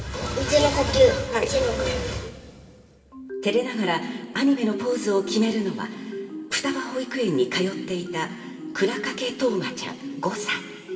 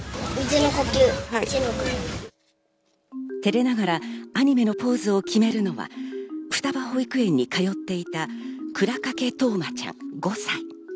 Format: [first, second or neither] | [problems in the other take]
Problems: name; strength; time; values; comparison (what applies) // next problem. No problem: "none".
second | room echo; dies away in 2.3 s